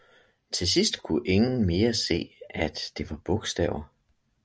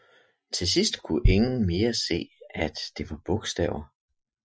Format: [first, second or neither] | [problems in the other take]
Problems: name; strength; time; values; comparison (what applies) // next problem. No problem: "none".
first | noise reduction (classical method Wiener filter)